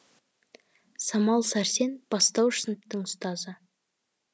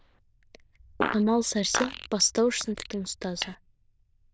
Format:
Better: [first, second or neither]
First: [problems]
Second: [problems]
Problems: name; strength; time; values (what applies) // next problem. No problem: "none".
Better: first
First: none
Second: noise reduction (neural diffusion model UNIVERSE++)